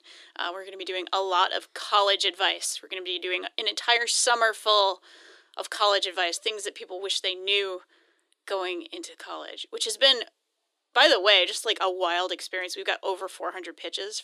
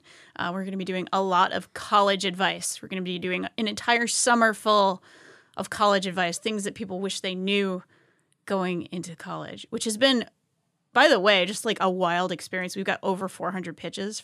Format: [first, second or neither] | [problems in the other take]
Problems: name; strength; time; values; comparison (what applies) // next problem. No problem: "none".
second | thin; very; fading below 350 Hz